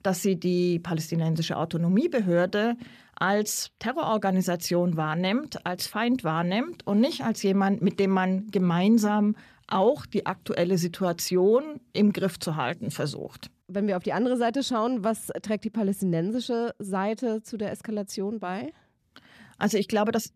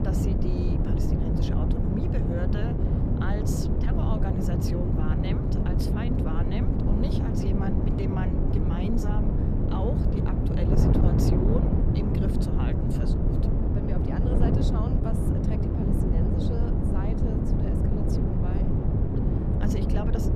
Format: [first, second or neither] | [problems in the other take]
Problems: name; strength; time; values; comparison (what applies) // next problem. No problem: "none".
first | wind noise on the microphone; heavy; 4 dB above the speech